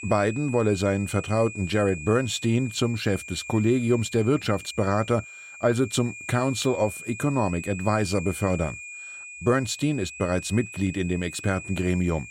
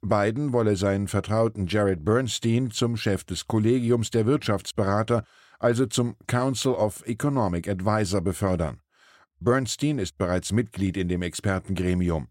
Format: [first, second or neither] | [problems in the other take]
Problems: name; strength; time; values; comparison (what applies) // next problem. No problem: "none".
second | high-pitched whine; noticeable; throughout; 2.5 kHz, 15 dB below the speech